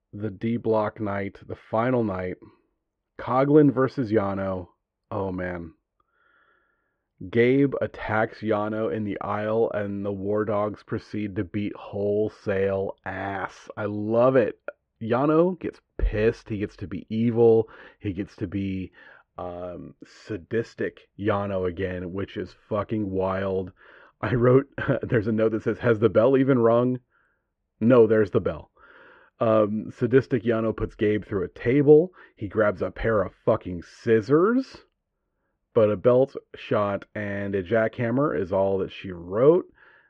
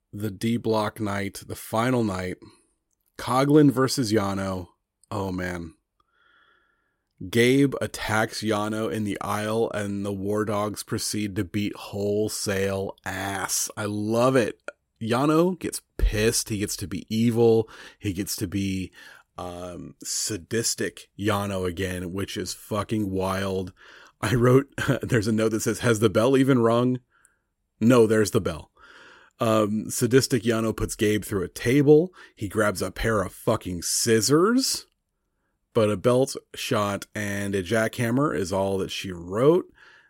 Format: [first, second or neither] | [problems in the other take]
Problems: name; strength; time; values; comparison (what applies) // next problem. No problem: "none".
second | muffled; very; fading above 2.5 kHz